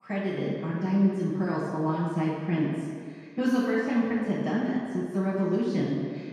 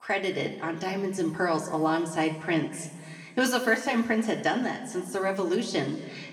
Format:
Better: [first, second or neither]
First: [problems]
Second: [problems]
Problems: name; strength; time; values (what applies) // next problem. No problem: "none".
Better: second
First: room echo; strong; dies away in 2 s // off-mic speech; far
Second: room echo; slight; dies away in 1.8 s // off-mic speech; somewhat distant